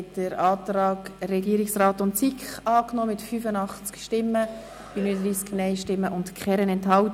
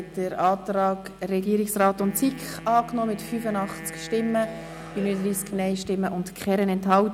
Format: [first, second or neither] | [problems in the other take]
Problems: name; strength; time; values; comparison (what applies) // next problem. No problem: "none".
first | background sound (Wind instrument, woodwind instrument); 18 dB below the speech